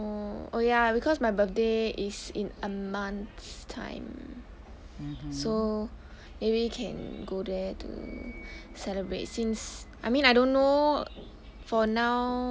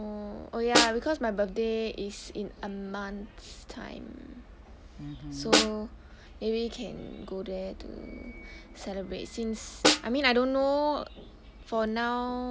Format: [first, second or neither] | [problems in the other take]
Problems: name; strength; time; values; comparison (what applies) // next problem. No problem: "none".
first | background sound (Snare drum); 1 dB above the speech